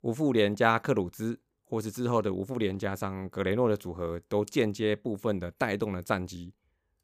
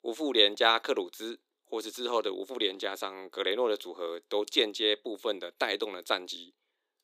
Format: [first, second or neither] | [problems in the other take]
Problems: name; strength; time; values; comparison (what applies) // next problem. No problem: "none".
first | thin; somewhat; fading below 300 Hz